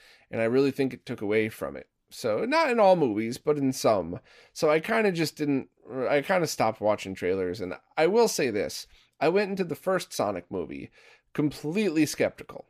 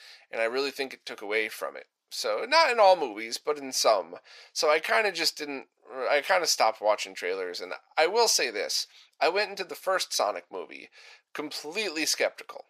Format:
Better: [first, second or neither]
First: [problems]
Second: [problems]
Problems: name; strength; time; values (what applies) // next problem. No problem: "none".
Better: first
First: none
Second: thin; very; fading below 750 Hz